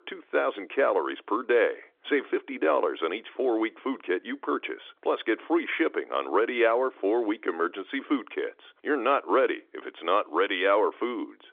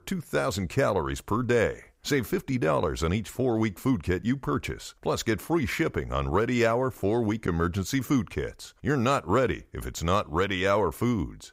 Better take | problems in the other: second | phone-call audio; nothing above 3.5 kHz

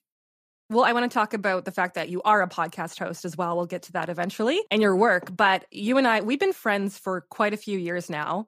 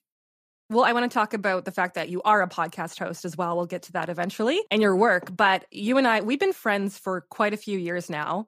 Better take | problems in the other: neither | none

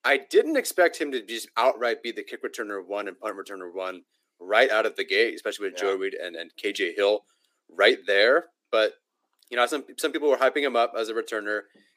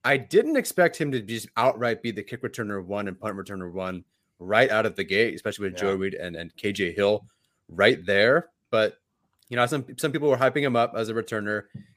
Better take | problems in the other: second | thin; somewhat; fading below 300 Hz

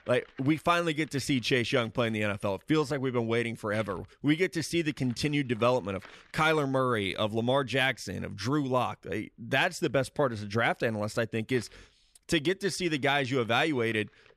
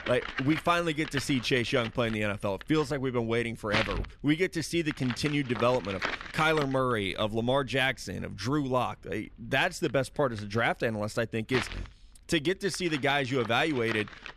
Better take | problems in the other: first | household noises; loud; throughout; 9 dB below the speech; faint in the first

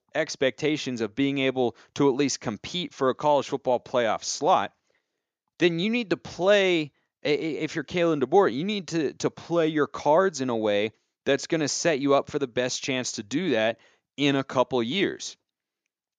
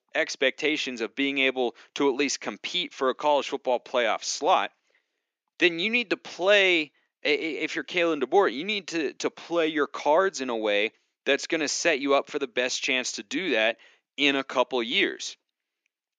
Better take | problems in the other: first | thin; very slightly; fading below 250 Hz

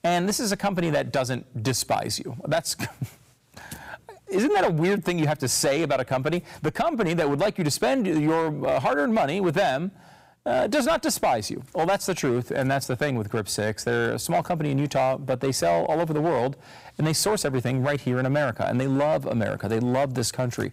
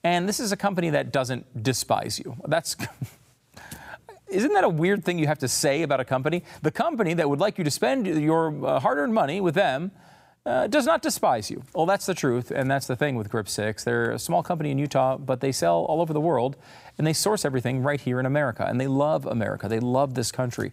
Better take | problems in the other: second | distortion; slight; 7% of the sound clipped

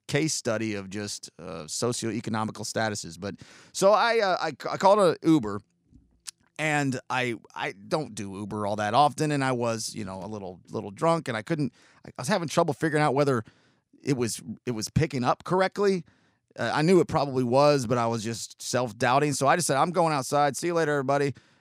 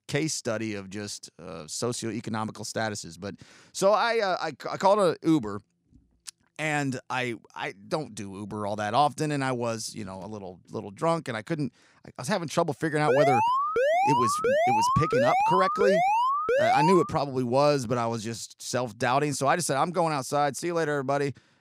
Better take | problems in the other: first | alarm; loud; from 13 to 17 s; peak 5 dB above the speech

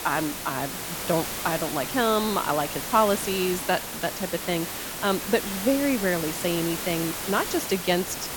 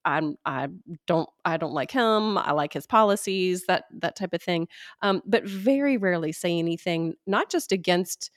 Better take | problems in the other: second | hiss; loud; throughout; 4 dB below the speech

